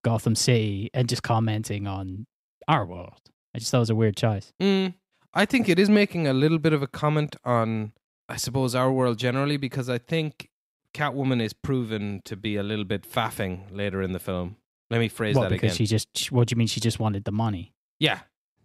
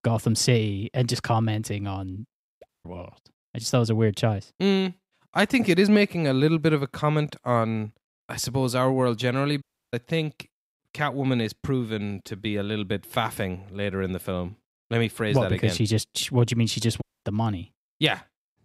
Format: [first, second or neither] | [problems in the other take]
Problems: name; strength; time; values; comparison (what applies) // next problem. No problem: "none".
first | audio cutting out; at 2.5 s, at 9.5 s and at 17 s